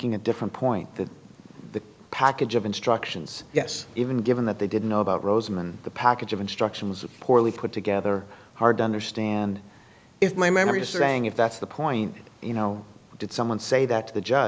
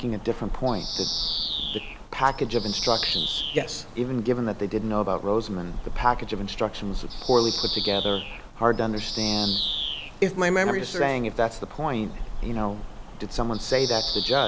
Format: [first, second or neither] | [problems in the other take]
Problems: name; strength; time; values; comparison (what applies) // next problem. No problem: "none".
first | background sound (Bird vocalization, bird call, bird song); 5 dB below the speech